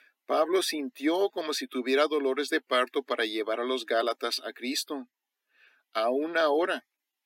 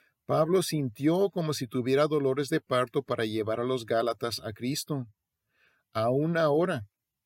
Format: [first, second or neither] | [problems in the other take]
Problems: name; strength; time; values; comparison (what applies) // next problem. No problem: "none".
second | thin; very slightly; fading below 250 Hz